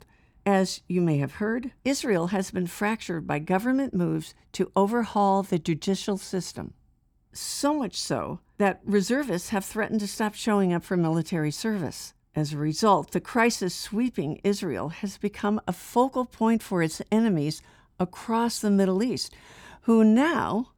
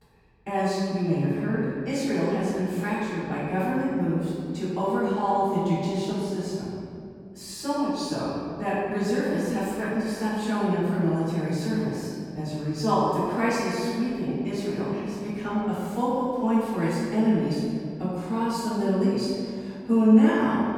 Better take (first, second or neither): first